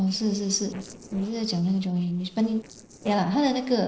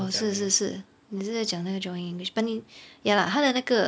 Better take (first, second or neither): second